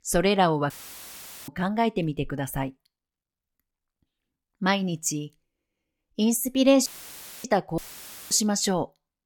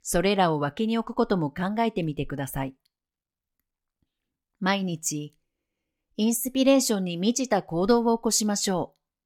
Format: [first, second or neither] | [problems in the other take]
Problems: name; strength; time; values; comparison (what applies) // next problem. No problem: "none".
second | audio cutting out; filled with static; at 0.5 s for 1 s, at 7 s for 0.5 s and at 8 s for 0.5 s